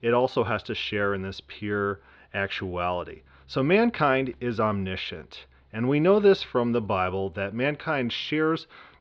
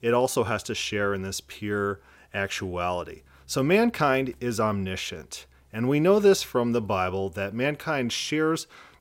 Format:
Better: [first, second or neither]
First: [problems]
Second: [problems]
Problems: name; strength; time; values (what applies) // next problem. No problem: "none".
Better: second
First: muffled; slightly; fading above 4 kHz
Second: none